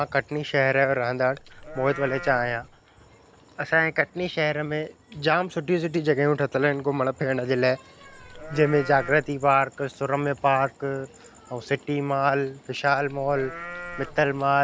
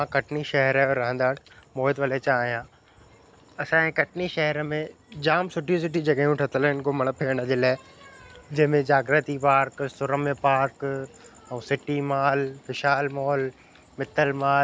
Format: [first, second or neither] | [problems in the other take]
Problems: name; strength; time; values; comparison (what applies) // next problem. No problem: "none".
second | background sound (Livestock, farm animals, working animals); 14 dB below the speech